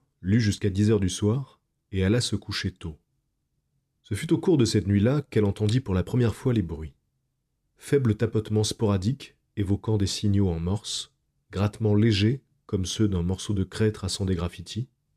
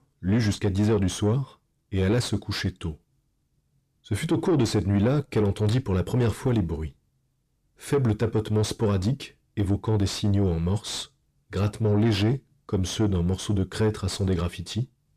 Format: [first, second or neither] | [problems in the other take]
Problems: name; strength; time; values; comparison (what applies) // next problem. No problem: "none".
first | distortion; slight; 10 dB below the speech